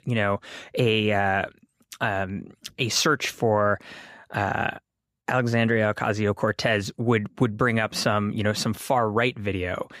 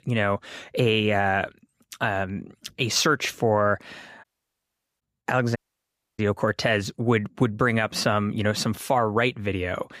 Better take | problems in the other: first | audio cutting out; at 4 s for 1 s and at 5.5 s for 0.5 s

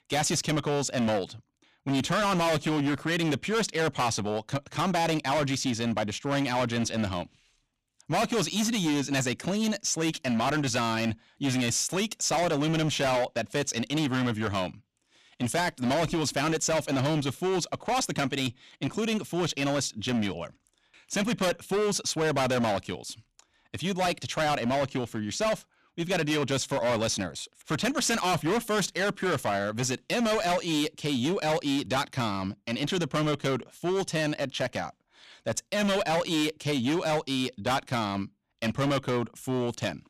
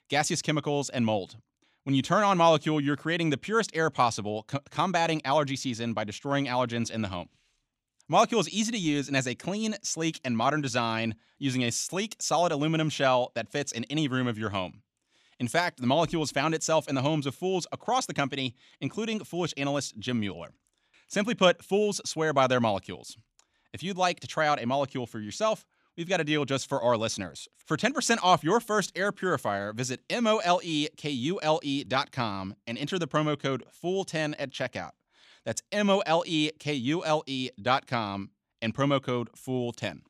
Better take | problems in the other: second | distortion; heavy; 19% of the sound clipped

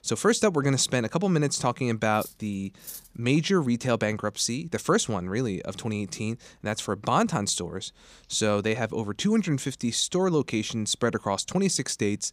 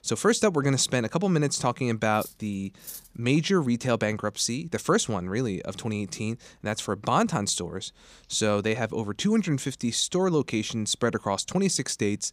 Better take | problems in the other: neither | clattering dishes; faint; at 2 s; peak 15 dB below the speech; the same in both

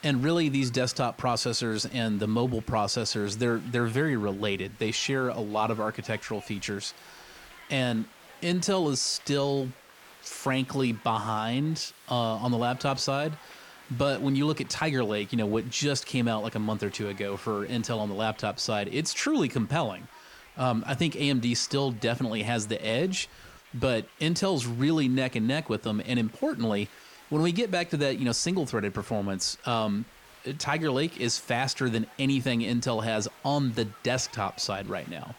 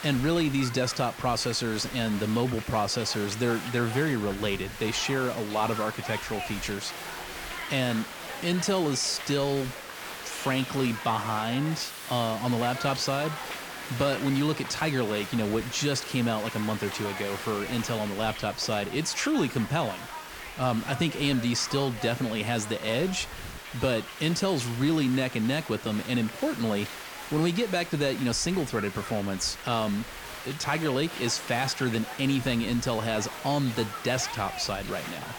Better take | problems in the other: first | hiss; loud; throughout; 9 dB below the speech; faint in the first

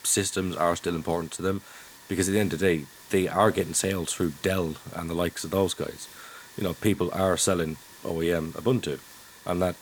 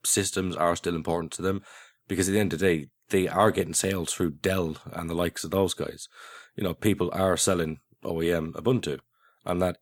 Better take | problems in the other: second | hiss; noticeable; throughout; 20 dB below the speech

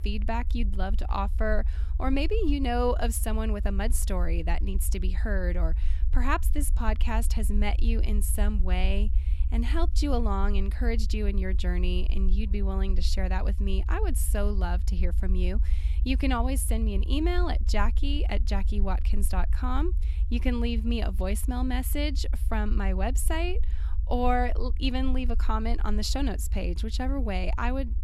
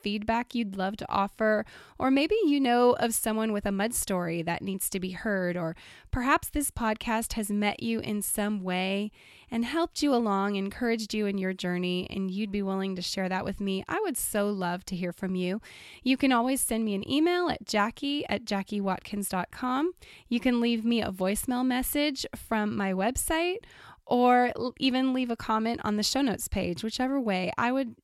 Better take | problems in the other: second | low rumble; noticeable; throughout; 20 dB below the speech

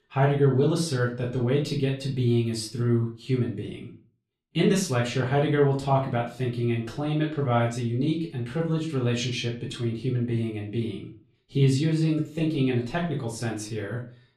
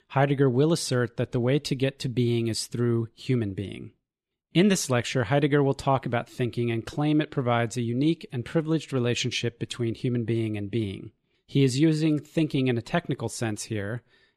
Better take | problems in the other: second | room echo; slight; dies away in 0.3 s // off-mic speech; far

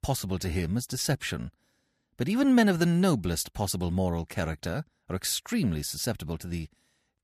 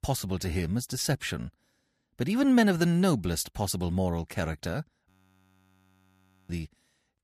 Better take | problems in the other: first | audio freezing; at 5 s for 1.5 s

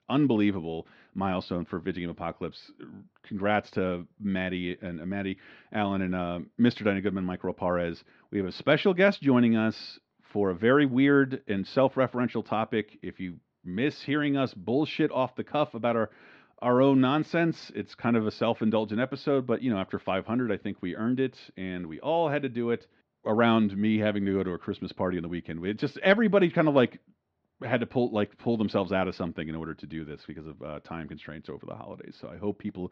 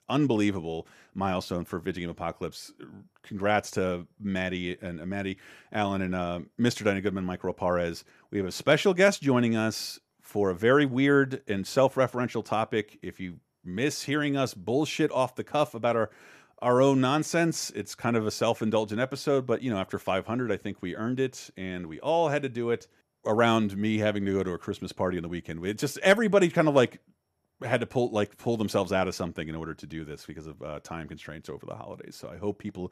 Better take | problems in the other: second | muffled; slightly; fading above 4.5 kHz

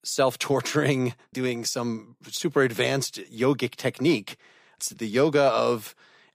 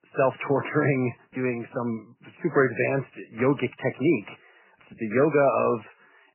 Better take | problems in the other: first | garbled, watery; badly; nothing above 2.5 kHz

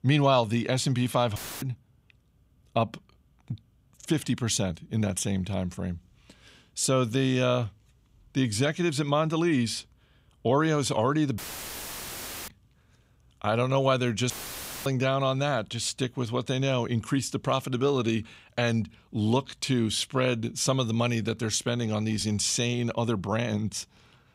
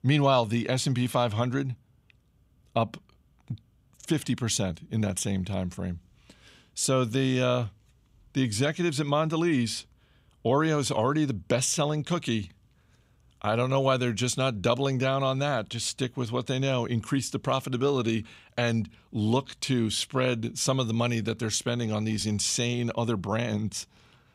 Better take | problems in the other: second | audio cutting out; filled with static; at 1.5 s, at 11 s for 1 s and at 14 s for 0.5 s

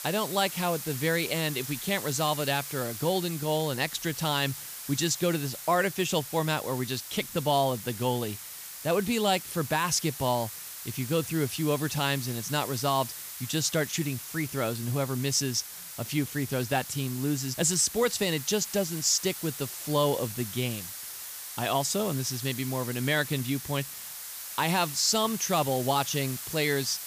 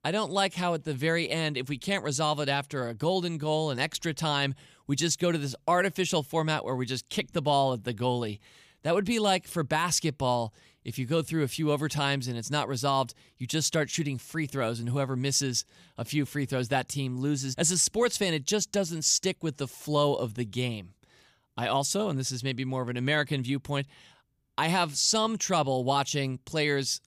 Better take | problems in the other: second | hiss; loud; throughout; 9 dB below the speech

